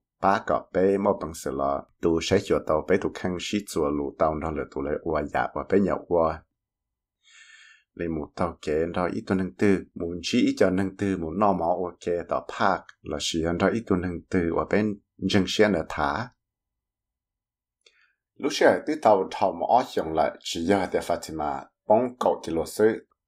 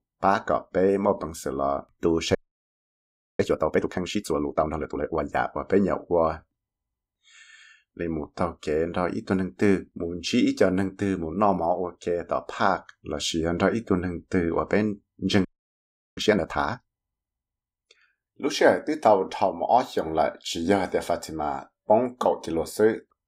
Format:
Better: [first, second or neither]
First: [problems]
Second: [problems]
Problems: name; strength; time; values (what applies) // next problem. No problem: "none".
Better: first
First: none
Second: audio freezing; at 2.5 s for 1 s and at 15 s for 0.5 s